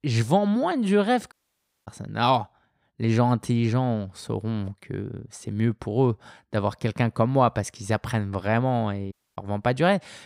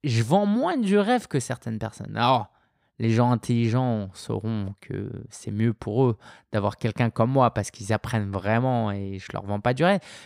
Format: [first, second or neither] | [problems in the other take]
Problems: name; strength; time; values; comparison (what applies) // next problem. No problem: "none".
second | audio cutting out; at 1.5 s for 0.5 s and at 9 s